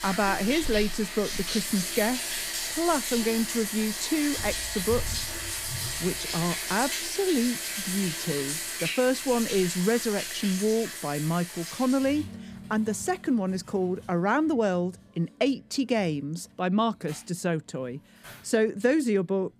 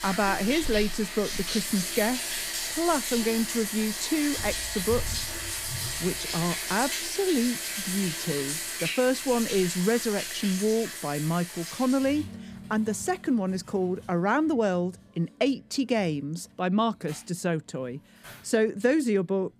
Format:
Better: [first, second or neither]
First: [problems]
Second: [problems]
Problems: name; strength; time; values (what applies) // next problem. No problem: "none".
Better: neither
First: household noises; loud; throughout; 3 dB below the speech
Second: household noises; loud; throughout; 3 dB below the speech